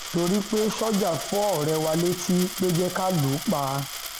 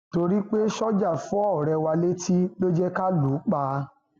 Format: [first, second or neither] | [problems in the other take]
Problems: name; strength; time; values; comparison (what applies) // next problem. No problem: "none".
second | background sound (Coin (dropping)); 10 dB below the speech